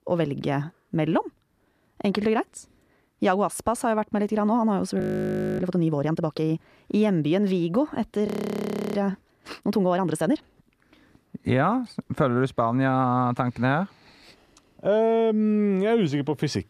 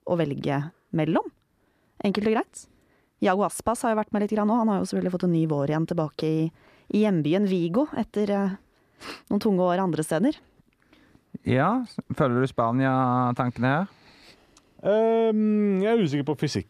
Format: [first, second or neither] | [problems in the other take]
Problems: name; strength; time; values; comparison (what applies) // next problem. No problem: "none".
second | audio freezing; at 5 s for 0.5 s and at 8.5 s for 0.5 s